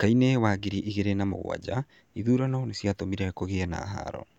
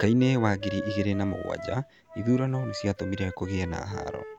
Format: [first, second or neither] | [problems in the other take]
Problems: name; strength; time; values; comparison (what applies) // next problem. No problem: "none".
first | background sound (Wind instrument, woodwind instrument); 12 dB below the speech